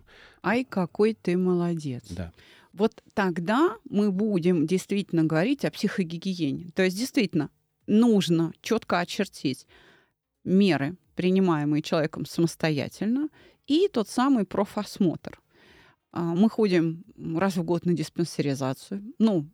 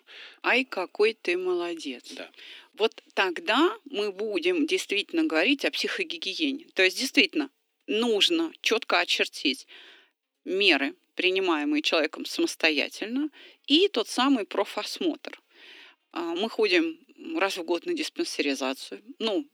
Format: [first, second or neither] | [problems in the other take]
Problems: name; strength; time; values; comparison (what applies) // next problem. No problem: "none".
first | thin; somewhat; fading below 250 Hz